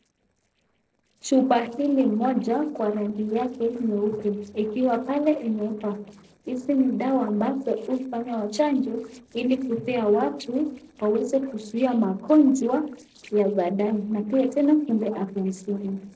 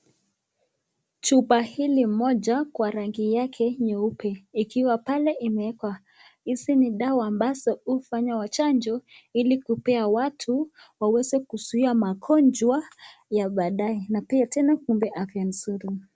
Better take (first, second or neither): second